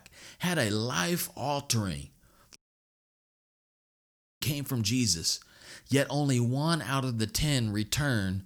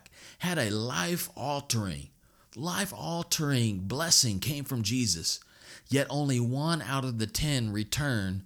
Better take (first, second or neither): second